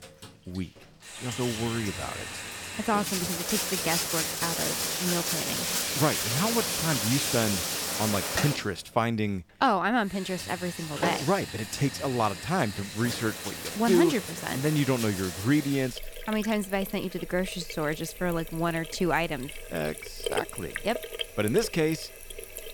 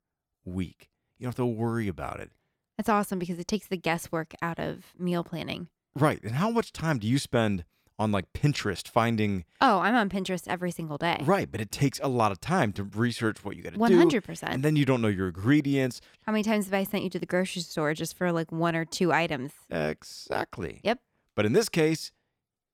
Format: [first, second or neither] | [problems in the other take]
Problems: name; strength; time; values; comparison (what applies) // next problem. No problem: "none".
second | household noises; loud; throughout; 2 dB below the speech